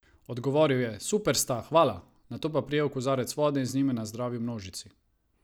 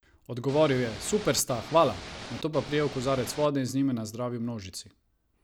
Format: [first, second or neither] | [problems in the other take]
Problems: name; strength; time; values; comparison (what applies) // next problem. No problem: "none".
first | background sound (Ocean / Boat, Water vehicle); 13 dB below the speech